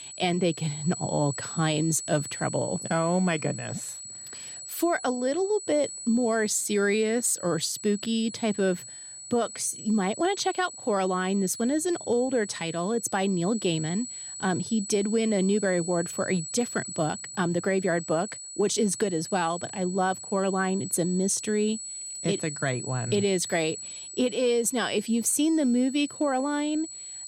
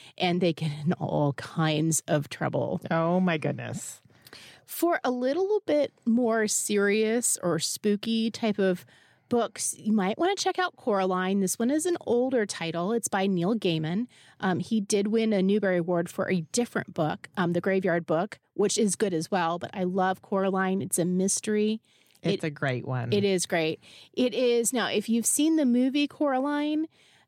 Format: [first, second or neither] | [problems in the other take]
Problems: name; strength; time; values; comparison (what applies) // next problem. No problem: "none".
second | high-pitched whine; loud; throughout; 8 kHz, 10 dB below the speech